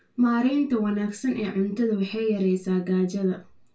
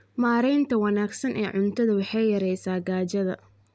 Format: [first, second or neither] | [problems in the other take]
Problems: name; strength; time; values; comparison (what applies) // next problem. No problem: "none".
second | room echo; dies away in 0.2 s